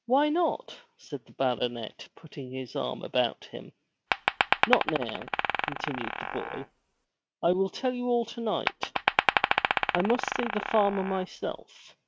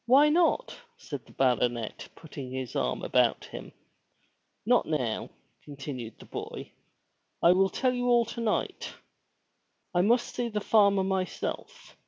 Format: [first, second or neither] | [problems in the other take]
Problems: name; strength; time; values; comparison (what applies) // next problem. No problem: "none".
second | noise reduction (neural mask model RNNoise)